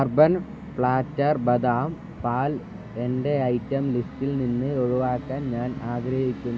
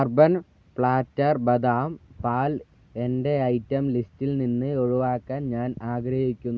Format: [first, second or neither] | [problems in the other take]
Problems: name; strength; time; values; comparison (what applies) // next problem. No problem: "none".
second | background sound (Musical instrument); 13 dB below the speech